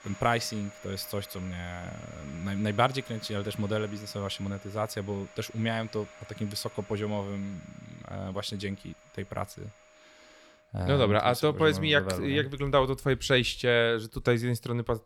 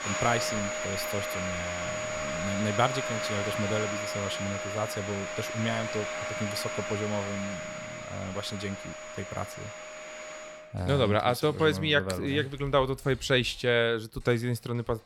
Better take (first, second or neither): first